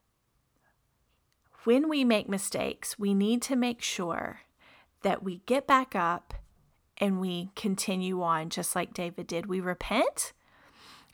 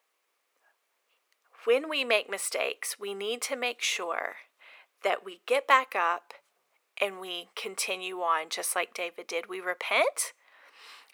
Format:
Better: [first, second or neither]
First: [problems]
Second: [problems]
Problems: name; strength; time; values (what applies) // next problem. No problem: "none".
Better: first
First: none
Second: thin; very; fading below 450 Hz